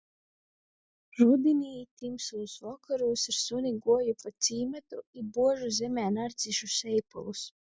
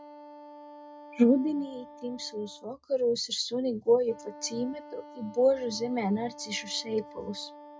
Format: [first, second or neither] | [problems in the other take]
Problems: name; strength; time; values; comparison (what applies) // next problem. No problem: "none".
first | background sound (Wind instrument, woodwind instrument); 18 dB below the speech // room echo; dies away in 0.2 s